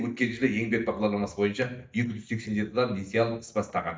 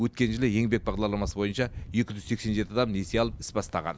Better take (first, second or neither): second